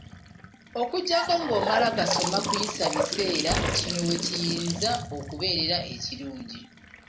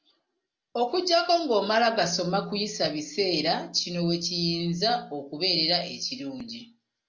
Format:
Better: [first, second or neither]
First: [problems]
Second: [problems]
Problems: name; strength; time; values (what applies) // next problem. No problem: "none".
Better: second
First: background sound (Trickle, dribble / Bathtub (filling or washing) / Sink (filling or washing) / Gurgling + Door); 3 dB below the speech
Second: none